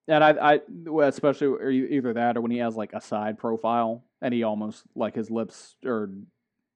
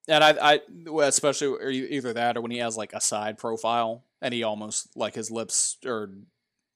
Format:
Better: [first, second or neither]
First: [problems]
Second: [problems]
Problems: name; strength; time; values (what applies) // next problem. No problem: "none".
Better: second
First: muffled; very; fading above 2 kHz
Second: none